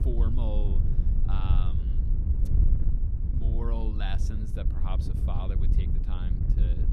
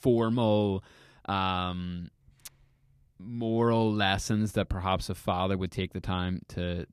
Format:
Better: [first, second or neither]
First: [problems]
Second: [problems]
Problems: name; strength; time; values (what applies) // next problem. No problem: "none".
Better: second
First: wind noise on the microphone; heavy; 3 dB below the speech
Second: none